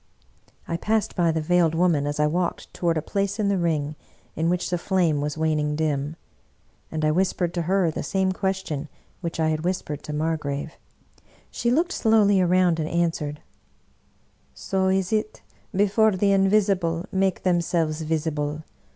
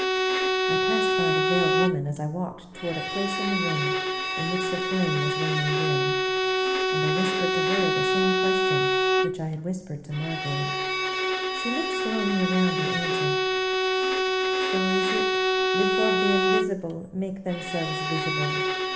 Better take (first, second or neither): first